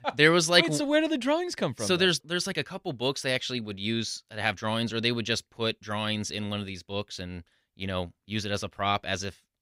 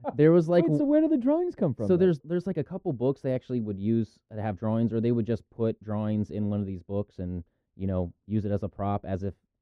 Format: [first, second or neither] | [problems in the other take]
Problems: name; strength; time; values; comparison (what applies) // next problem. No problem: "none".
first | muffled; very; fading above 1.5 kHz